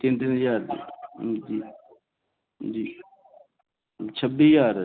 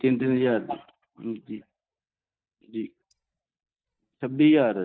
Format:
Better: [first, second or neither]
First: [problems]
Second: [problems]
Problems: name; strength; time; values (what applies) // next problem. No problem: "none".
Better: first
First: none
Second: noise reduction (neural mask model DeepFilterNet 3)